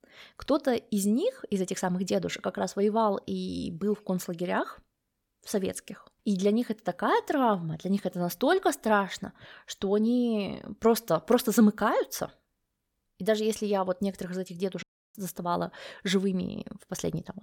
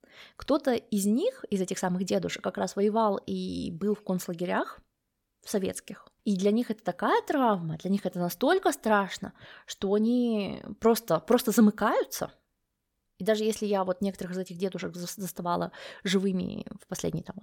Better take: second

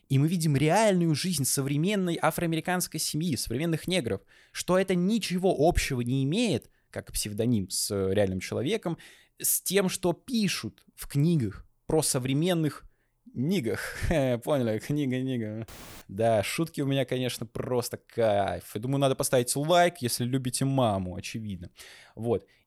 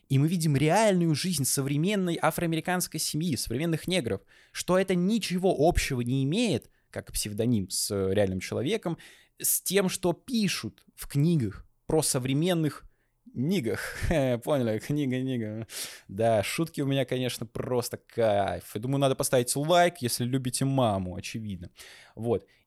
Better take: second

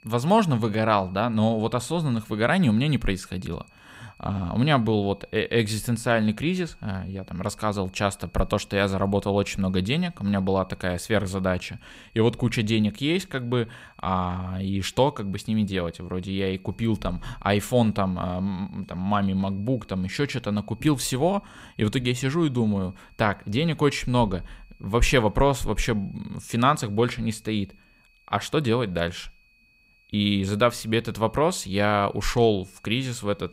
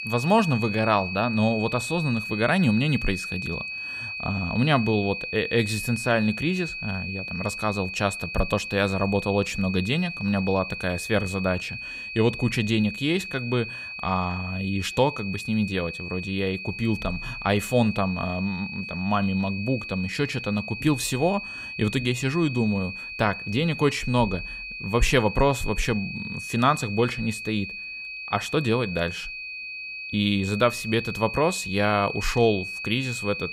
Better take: first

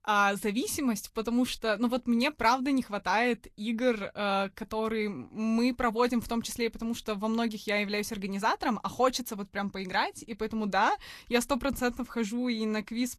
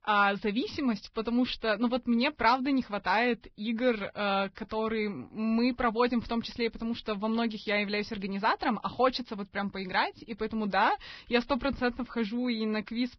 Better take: first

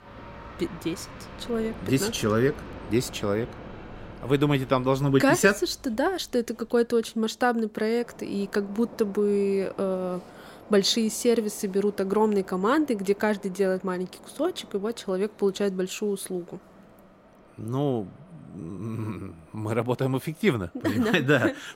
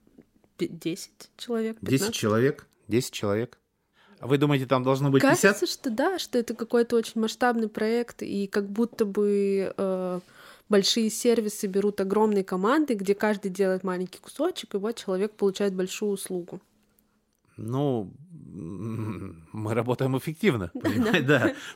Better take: second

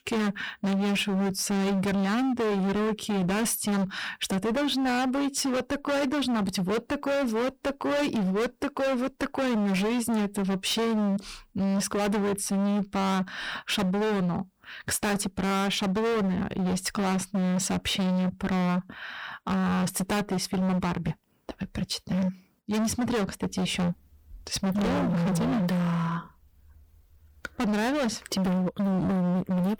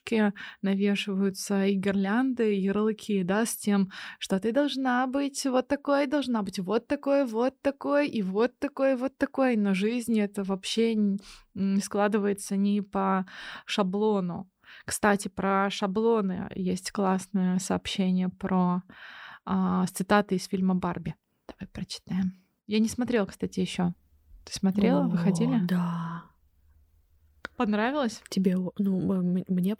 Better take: second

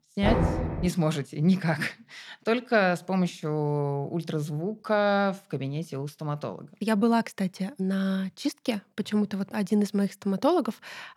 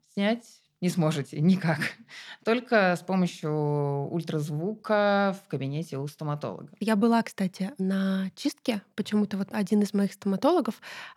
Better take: second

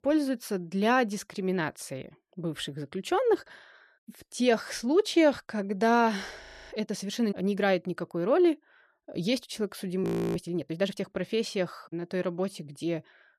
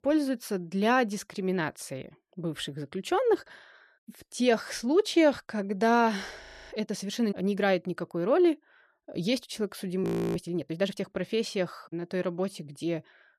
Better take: neither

